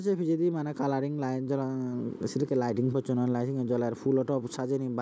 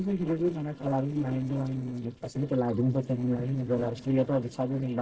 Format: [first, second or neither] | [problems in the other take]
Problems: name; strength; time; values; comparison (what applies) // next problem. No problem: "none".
first | noise reduction (neural separator model SepFormer DNS4)